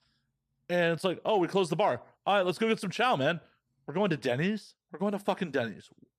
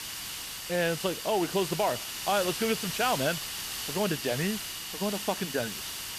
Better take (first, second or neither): first